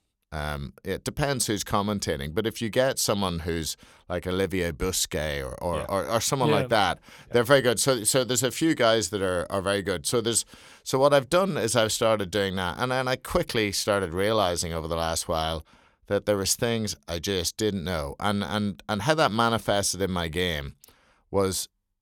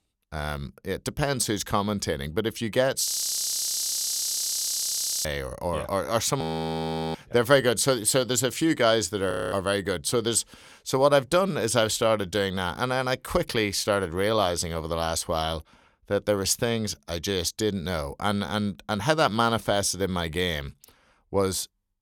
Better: first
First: none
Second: audio freezing; at 3 s for 2 s, at 6.5 s for 0.5 s and at 9.5 s

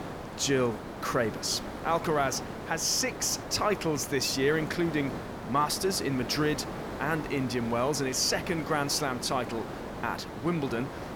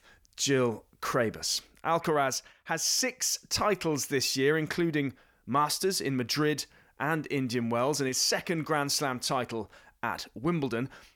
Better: second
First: hiss; loud; throughout; 9 dB below the speech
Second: none

